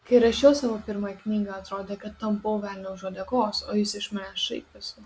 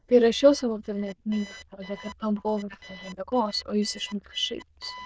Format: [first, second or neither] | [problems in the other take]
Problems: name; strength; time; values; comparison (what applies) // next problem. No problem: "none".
first | noise reduction (neural diffusion model UNIVERSE++)